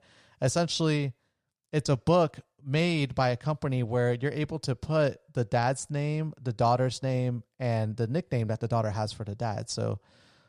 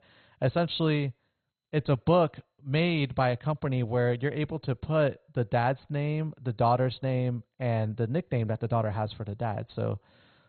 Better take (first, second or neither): first